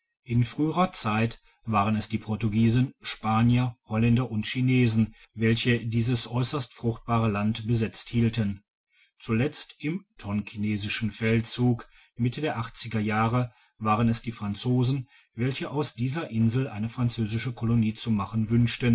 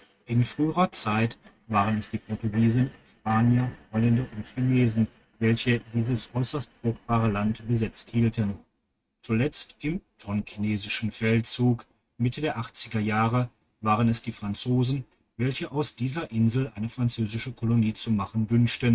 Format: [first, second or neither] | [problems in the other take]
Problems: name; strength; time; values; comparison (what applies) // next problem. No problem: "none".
first | noise reduction (neural mask model RNNoise)